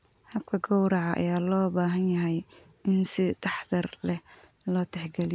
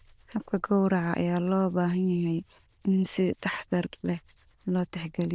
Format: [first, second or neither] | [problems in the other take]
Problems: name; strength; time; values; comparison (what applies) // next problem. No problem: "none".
first | noise reduction (neural diffusion model UNIVERSE++)